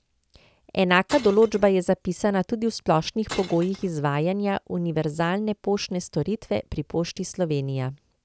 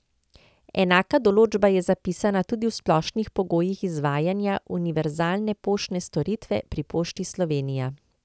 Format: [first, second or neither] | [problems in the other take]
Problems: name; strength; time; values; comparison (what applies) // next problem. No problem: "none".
second | background sound (Glass); 15 dB below the speech